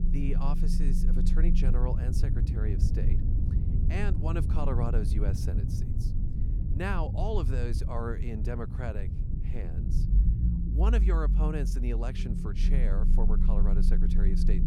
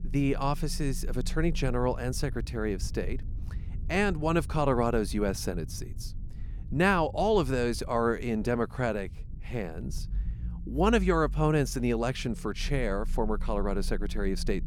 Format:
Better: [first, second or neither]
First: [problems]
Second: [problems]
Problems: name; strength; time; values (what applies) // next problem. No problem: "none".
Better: second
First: low rumble; loud; throughout; 5 dB below the speech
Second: low rumble; faint; throughout; 25 dB below the speech